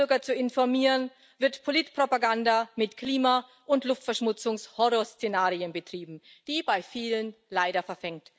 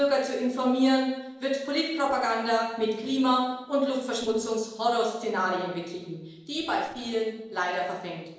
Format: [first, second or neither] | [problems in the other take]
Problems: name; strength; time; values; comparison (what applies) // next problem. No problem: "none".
first | noise reduction (neural separator model SepFormer DNS4)